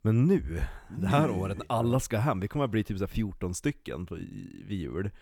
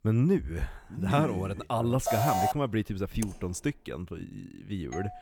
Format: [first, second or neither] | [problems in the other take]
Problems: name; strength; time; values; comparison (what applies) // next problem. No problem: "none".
first | alarm; loud; at 2 s; peak 3 dB above the speech // keyboard typing; faint; at 3 s; peak 10 dB below the speech // doorbell; very faint; at 5 s; peak 10 dB below the speech